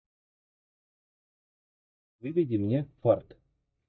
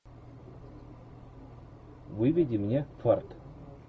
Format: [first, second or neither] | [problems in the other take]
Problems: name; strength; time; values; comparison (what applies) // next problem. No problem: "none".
second | noise reduction (neural mask model DeepFilterNet 3)